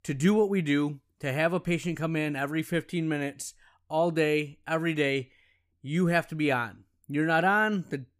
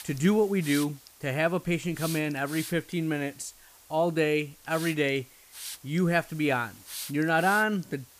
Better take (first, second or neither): first